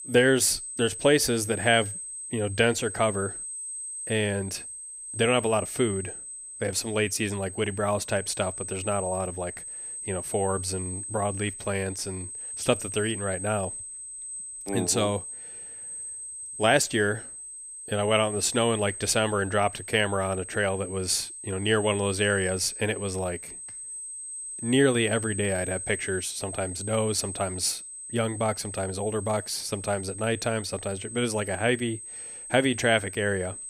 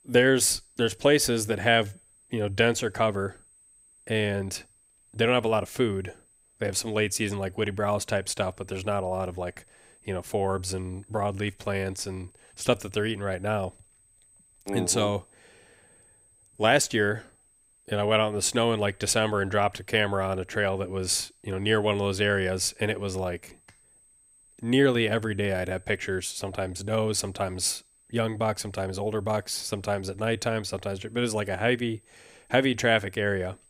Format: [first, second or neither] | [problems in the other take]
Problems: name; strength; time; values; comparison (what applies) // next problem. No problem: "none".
second | high-pitched whine; loud; throughout; 8 kHz, 8 dB below the speech; faint in the second